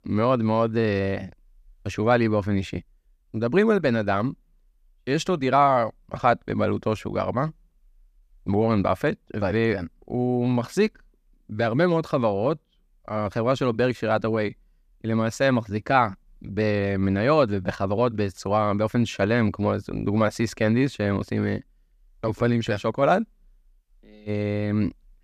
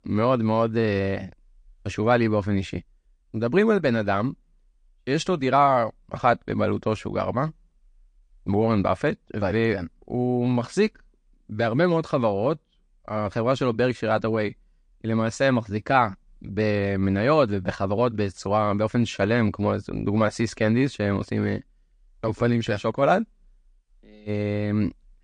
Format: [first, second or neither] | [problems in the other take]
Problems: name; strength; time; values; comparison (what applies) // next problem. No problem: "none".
first | garbled, watery; slightly; nothing above 8.5 kHz